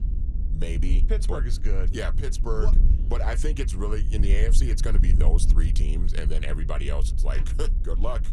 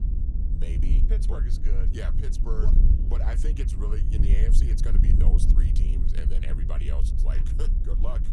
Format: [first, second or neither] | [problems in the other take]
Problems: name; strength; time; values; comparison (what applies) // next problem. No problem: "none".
first | wind noise on the microphone; heavy; 2 dB below the speech; occasional gusts in the first